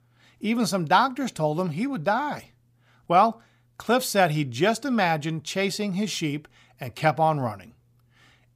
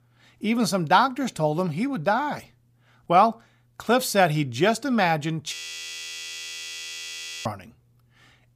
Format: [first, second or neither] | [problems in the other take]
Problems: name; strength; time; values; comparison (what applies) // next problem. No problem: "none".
first | audio freezing; at 5.5 s for 2 s